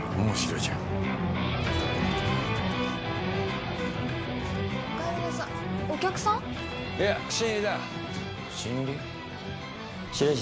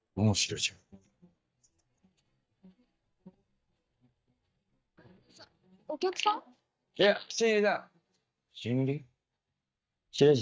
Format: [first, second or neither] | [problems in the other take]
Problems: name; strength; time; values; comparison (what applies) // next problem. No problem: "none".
first | noise reduction (neural mask model DeepFilterNet 3)